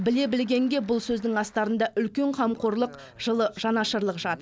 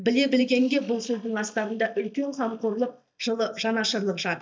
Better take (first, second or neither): first